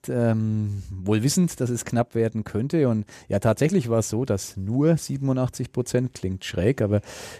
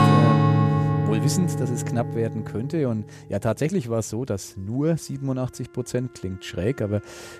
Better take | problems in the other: first | background music; very loud; throughout; 4 dB above the speech

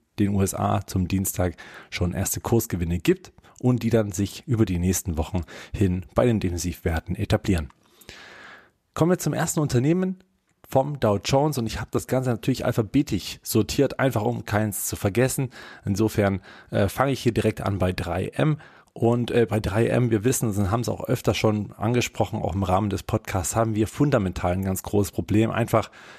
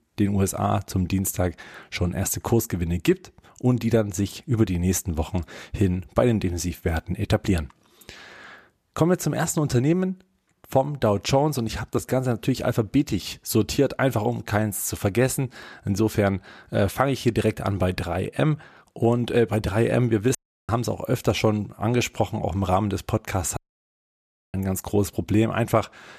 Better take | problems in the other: first | audio cutting out; at 20 s and at 24 s for 1 s

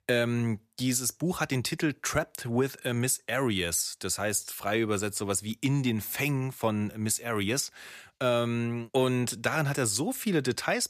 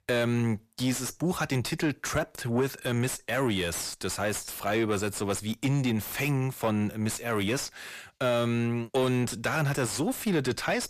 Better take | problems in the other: first | distortion; slight; 9 dB below the speech

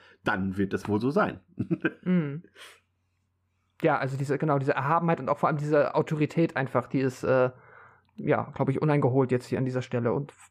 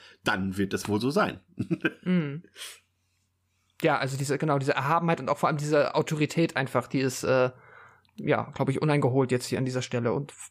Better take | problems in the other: second | muffled; slightly; fading above 2.5 kHz

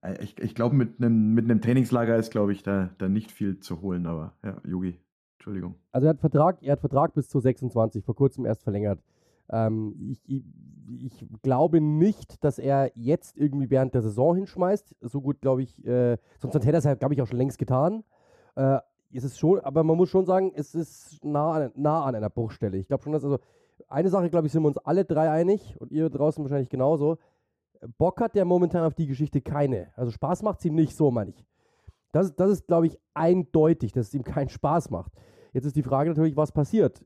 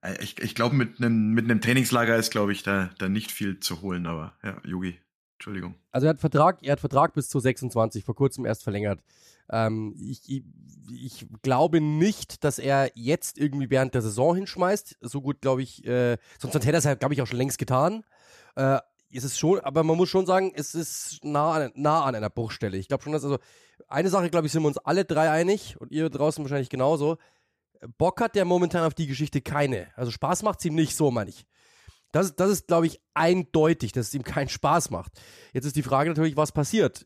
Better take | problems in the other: second | muffled; slightly; fading above 1 kHz

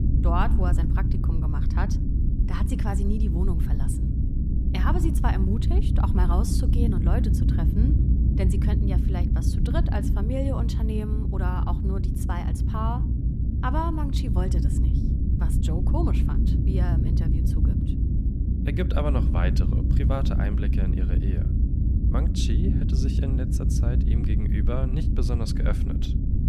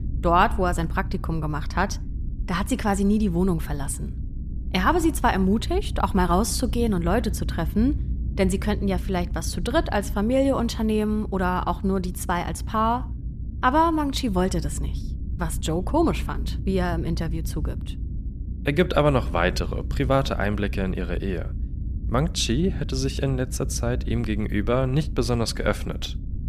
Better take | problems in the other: second | low rumble; loud; throughout; 3 dB below the speech; faint in the second

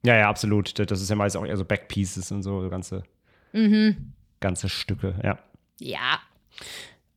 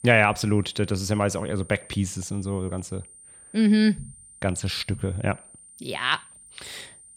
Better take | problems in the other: first | high-pitched whine; faint; throughout; 9 kHz, 20 dB below the speech

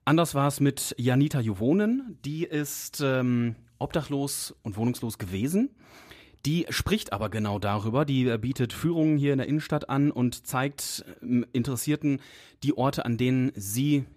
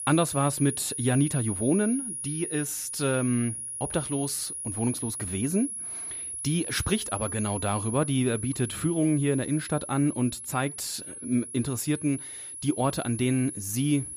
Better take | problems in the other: first | high-pitched whine; loud; throughout; 10.5 kHz, 5 dB below the speech

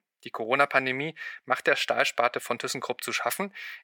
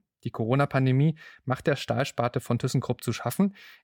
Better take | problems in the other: second | thin; very; fading below 550 Hz

